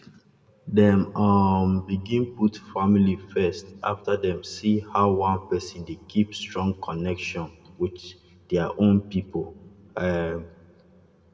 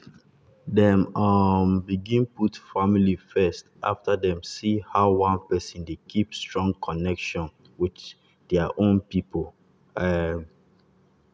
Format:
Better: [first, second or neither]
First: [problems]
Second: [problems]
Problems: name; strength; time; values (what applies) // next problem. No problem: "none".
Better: second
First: room echo; dies away in 1 s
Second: none